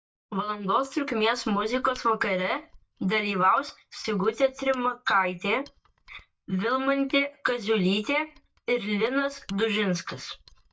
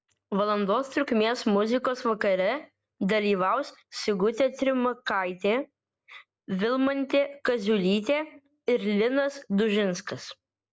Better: second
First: noise reduction (neural mask model DeepFilterNet 3)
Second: none

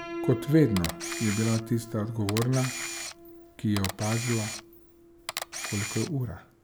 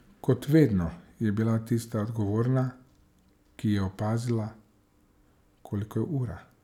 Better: second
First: background sound (Piano + Camera); 8 dB below the speech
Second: none

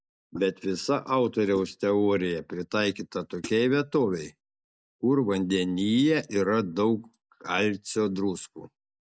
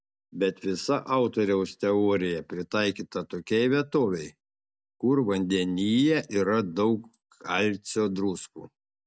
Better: second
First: noise reduction (neural mask model Resemble Enhance denoiser)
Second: none

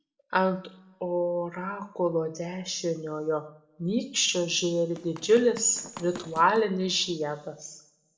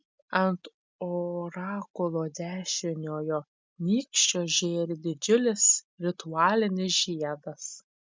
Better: second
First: background sound (Run); 17 dB below the speech // room echo; dies away in 0.6 s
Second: none

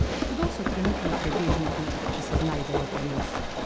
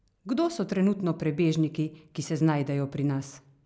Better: second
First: background sound (Run + Train); 4 dB above the speech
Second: none

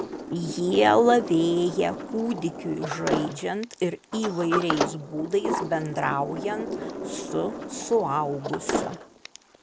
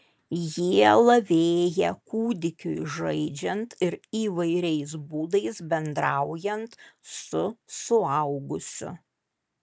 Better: second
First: background sound (Sliding door); 6 dB below the speech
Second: none

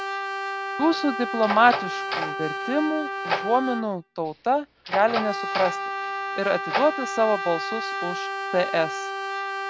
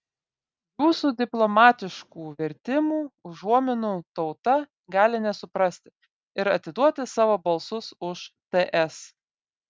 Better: second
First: background sound (Door + Brass instrument); 4 dB below the speech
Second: none

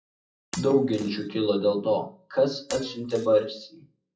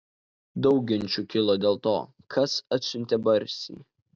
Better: second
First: noise reduction (classical method WPE with log-MMSE)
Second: none

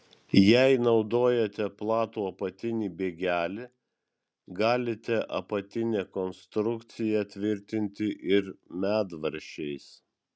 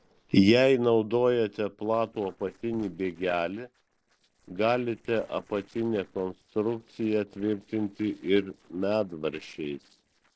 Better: first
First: none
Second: noise reduction (neural separator model SepFormer DNS4)

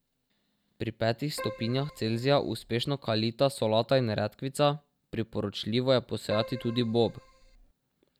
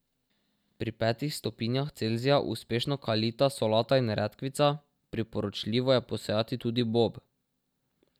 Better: second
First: background sound (Keyboard (musical)); 15 dB below the speech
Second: none

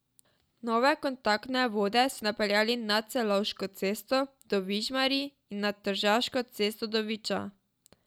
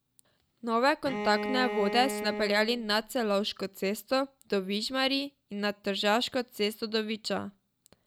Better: first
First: none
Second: background sound (Bowed string instrument); 6 dB below the speech

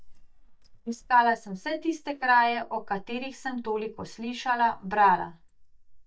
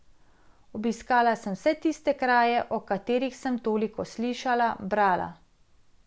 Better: second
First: noise reduction (neural mask model DeepFilterNet 3)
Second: none

